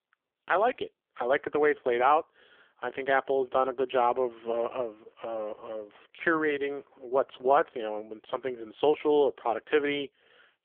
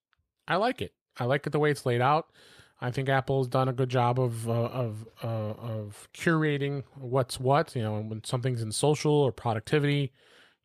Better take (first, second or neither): second